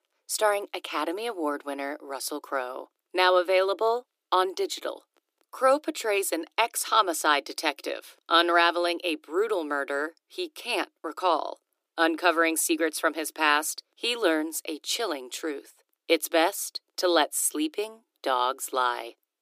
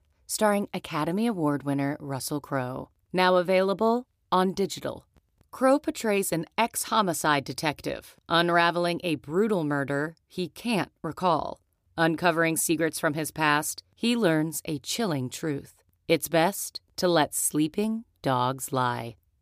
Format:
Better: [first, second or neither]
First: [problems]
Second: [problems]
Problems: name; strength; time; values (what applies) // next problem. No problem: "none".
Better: second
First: thin; very; fading below 300 Hz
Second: none